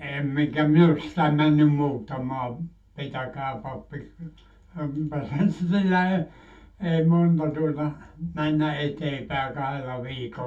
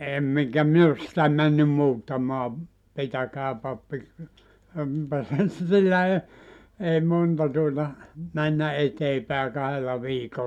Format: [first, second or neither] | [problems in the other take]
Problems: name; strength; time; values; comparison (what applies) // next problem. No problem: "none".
second | room echo; dies away in 0.2 s